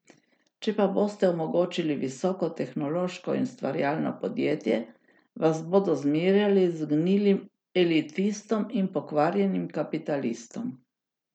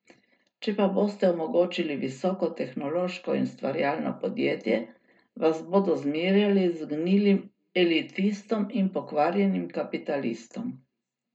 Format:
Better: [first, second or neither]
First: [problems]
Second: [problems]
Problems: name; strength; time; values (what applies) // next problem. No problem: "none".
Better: first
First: none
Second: room echo; dies away in 0.2 s